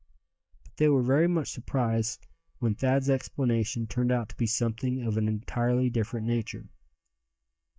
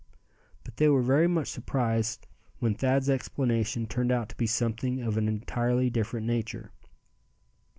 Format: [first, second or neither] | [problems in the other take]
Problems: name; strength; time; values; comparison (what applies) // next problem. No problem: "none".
second | noise reduction (neural mask model DeepFilterNet 3)